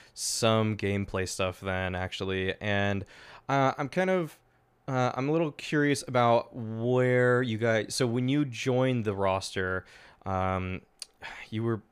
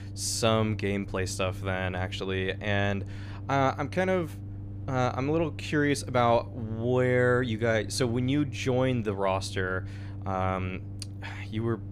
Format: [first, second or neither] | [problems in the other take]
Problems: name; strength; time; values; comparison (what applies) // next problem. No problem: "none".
first | low rumble; faint; throughout; 20 dB below the speech